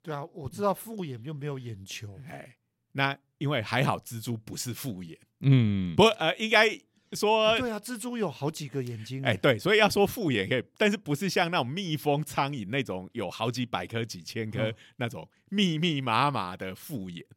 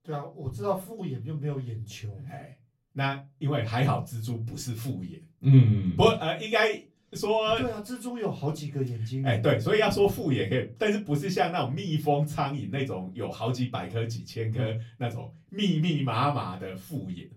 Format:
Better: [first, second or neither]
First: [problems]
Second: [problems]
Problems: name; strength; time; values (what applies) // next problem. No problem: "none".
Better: first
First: none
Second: off-mic speech; far // room echo; very slight; dies away in 0.3 s